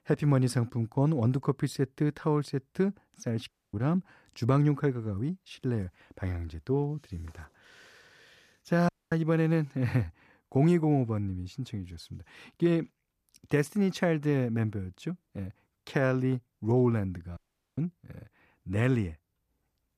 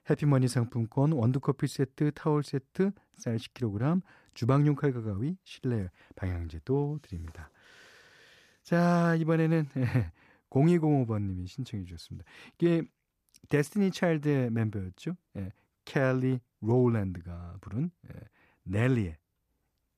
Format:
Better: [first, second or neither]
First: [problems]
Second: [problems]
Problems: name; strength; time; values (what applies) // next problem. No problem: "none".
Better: second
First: audio cutting out; at 3.5 s, at 9 s and at 17 s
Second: none